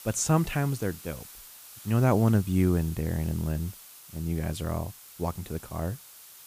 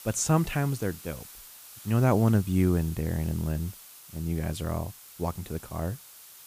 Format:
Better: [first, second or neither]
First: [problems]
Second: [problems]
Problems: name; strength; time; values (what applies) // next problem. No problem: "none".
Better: neither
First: hiss; noticeable; throughout; 15 dB below the speech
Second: hiss; noticeable; throughout; 15 dB below the speech